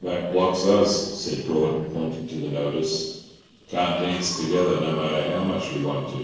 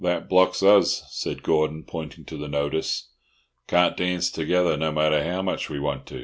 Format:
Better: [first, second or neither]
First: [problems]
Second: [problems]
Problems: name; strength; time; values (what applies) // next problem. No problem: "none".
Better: second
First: noise reduction (neural separator model SepFormer DNS4)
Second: none